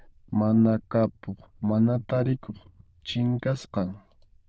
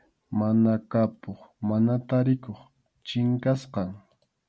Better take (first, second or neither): second